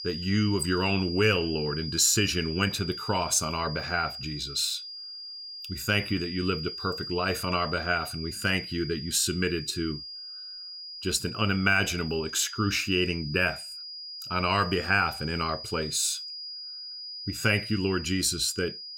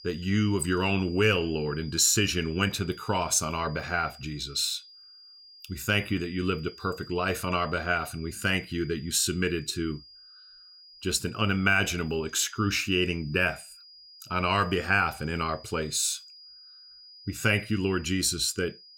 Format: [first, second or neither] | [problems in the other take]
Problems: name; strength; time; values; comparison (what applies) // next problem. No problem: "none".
second | high-pitched whine; loud; throughout; 5 kHz, 9 dB below the speech; faint in the second